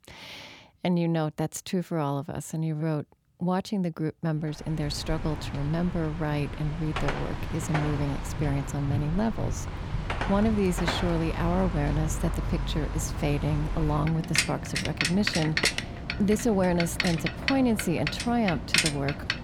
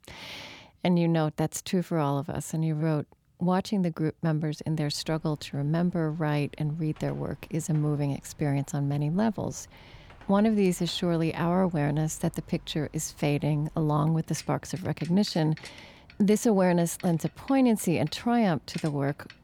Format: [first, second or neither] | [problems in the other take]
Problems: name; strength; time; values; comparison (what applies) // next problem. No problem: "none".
second | traffic noise; loud; from 5 s on; 2 dB below the speech; faint in the second